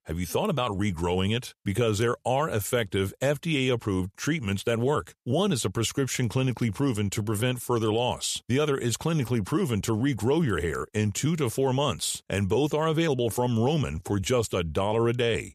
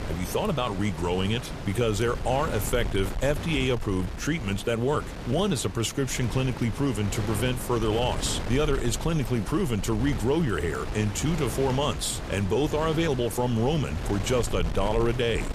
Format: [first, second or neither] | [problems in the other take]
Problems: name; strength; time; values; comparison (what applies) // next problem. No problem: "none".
first | wind noise on the microphone; heavy; 10 dB below the speech